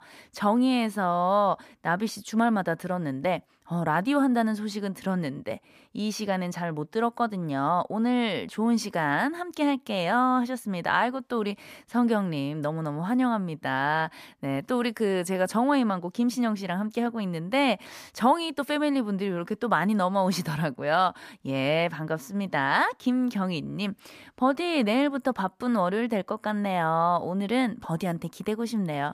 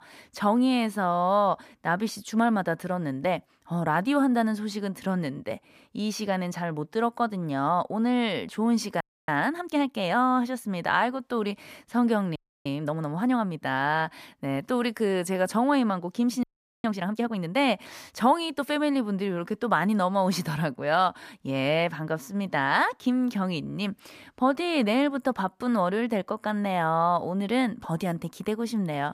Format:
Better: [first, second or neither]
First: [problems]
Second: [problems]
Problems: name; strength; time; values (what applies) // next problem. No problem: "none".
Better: first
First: none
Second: audio freezing; at 9 s, at 12 s and at 16 s